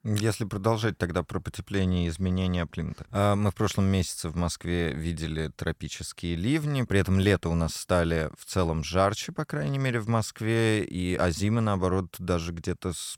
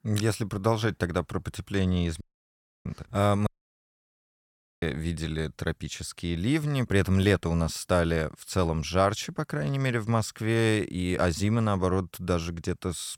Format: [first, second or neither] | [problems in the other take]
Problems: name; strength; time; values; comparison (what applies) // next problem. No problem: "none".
first | audio cutting out; at 2 s for 0.5 s and at 3.5 s for 1.5 s